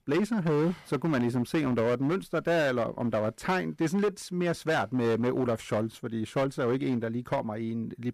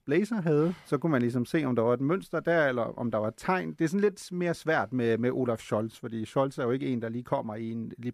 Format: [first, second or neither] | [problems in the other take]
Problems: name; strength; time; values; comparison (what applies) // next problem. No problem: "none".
second | distortion; slight; 12% of the sound clipped